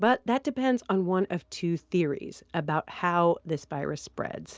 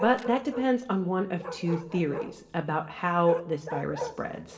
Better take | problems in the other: first | background sound (Bark); 10 dB below the speech // room echo; dies away in 1 s

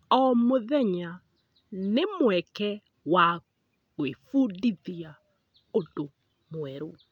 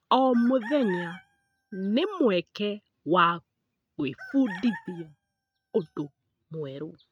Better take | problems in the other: first | noise reduction (neural mask model RNNoise)

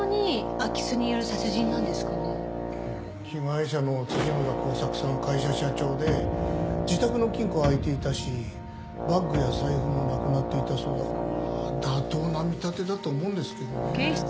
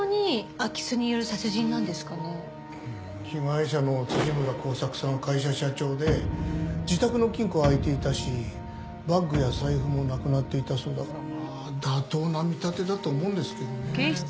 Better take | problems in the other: second | background sound (Brass instrument); 4 dB below the speech

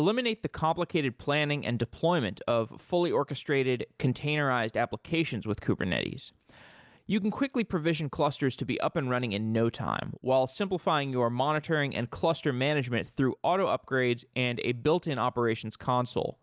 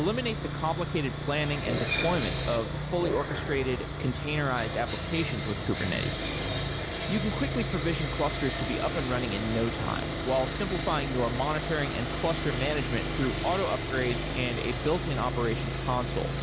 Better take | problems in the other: first | background sound (Growling + Sawing); 1 dB below the speech

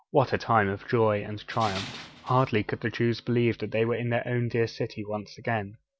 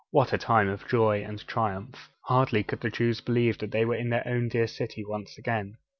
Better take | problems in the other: second | background sound (Tools); 13 dB below the speech

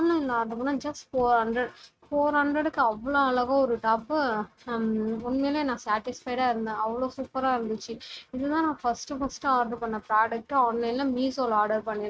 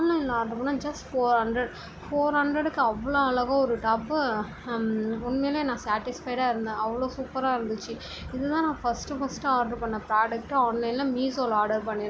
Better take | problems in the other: second | noise reduction (neural mask model RNNoise)

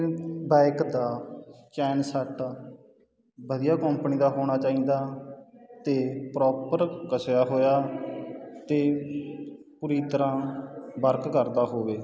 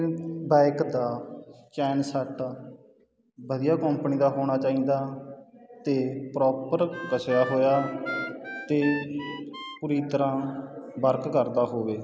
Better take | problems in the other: first | background sound (Harmonica); 11 dB below the speech

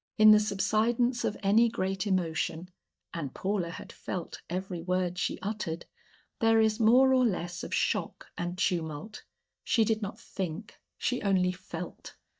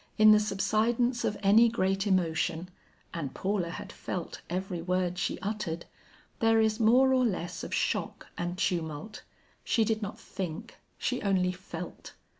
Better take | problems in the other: second | noise reduction (neural mask model DeepFilterNet 3)

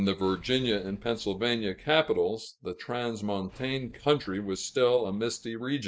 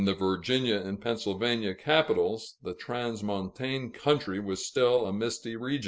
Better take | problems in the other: second | noise reduction (neural mask model DeepFilterNet 3)

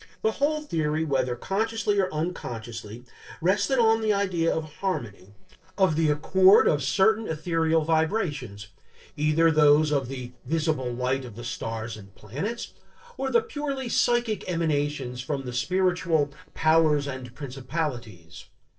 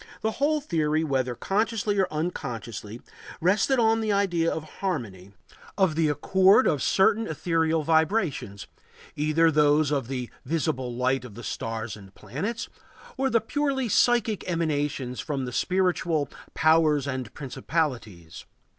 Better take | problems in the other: second | noise reduction (neural separator model SepFormer DNS4)

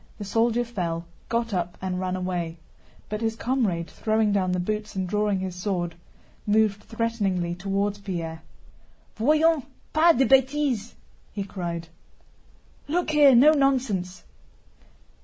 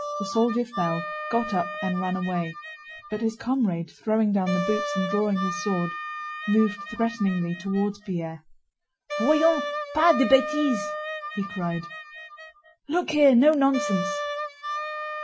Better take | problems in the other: first | noise reduction (classical method Wiener filter)

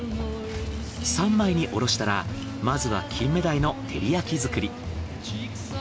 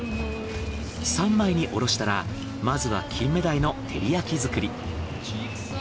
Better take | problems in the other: first | background sound (Fixed-wing aircraft, airplane); 15 dB below the speech

